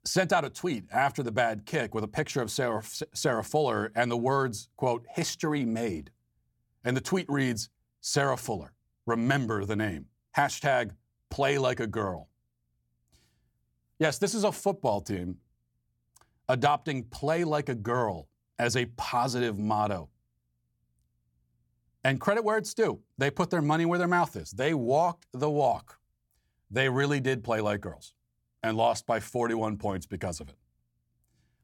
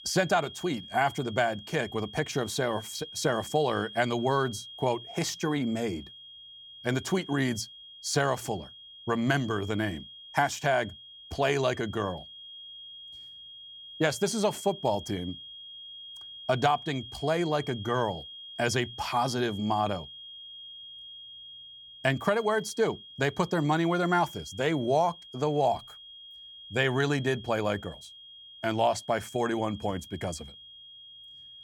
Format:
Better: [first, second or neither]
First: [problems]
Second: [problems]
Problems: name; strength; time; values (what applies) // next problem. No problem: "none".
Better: first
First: none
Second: high-pitched whine; noticeable; throughout; 3.5 kHz, 15 dB below the speech